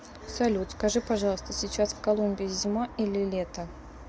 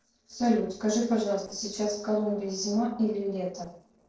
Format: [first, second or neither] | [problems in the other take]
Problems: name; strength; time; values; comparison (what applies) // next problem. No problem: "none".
first | noise reduction (neural separator model SepFormer DNS4)